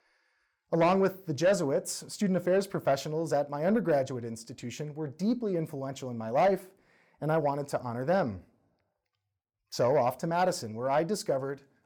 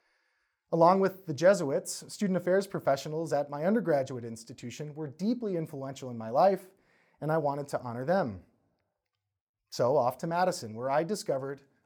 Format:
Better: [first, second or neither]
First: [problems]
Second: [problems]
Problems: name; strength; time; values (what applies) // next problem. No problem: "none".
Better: second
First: distortion; slight; 10 dB below the speech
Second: none